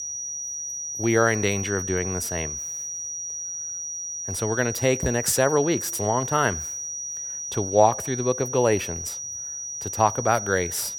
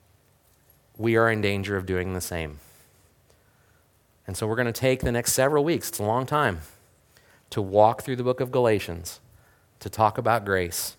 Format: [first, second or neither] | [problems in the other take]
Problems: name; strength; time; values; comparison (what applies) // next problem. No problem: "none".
second | high-pitched whine; loud; throughout; 6 kHz, 6 dB below the speech